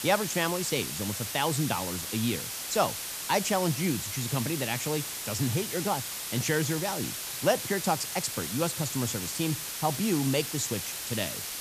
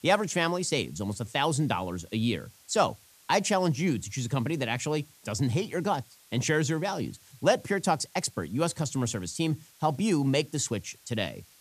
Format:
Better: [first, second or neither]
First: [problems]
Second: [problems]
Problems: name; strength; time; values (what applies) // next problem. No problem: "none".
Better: second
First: hiss; loud; throughout; 3 dB below the speech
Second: hiss; faint; throughout; 25 dB below the speech